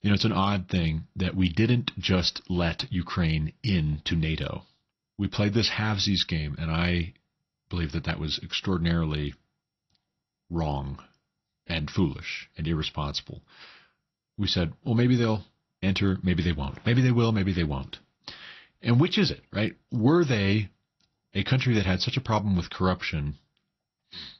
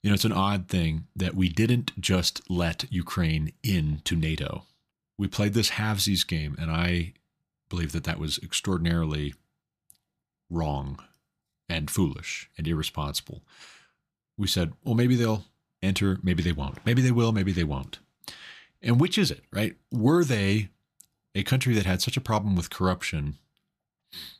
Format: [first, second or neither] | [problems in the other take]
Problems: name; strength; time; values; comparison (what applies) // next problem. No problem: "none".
second | garbled, watery; slightly; nothing above 6 kHz